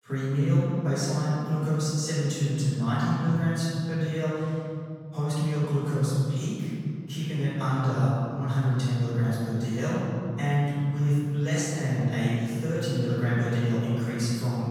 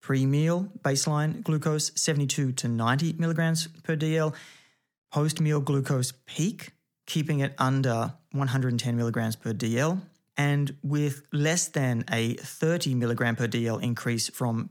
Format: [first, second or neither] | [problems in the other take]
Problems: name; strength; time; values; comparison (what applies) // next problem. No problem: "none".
second | room echo; strong; dies away in 2.6 s // off-mic speech; far